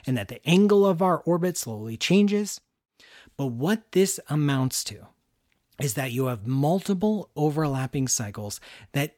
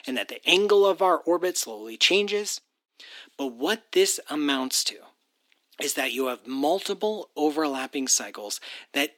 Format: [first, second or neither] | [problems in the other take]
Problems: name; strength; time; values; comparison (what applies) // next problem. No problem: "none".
first | thin; somewhat; fading below 300 Hz